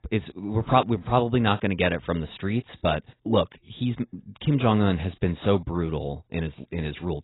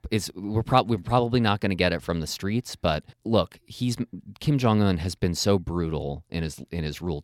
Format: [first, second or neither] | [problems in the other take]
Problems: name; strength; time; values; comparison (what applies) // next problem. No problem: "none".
second | garbled, watery; badly; nothing above 4 kHz